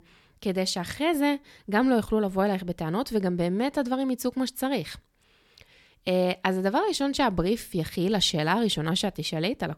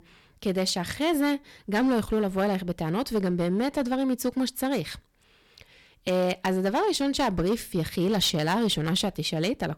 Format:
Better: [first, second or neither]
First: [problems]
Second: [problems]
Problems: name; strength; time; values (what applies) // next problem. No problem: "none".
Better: first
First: none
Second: distortion; slight; 7% of the sound clipped